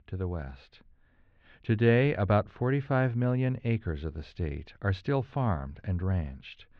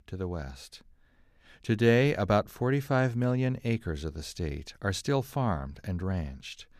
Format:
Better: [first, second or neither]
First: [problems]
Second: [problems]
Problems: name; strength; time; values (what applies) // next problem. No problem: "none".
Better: second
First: muffled; slightly; fading above 3 kHz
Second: none